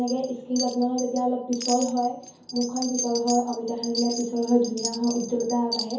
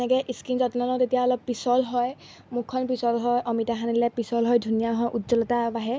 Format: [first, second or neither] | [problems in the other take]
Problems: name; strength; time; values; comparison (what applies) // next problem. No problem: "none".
second | background sound (Wind chime); 10 dB below the speech // room echo; dies away in 0.6 s